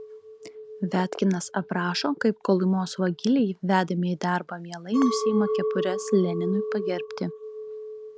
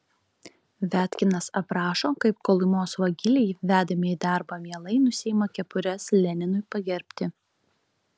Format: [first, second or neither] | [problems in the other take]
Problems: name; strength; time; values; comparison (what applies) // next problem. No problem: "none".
second | background sound (Chink, clink); 8 dB below the speech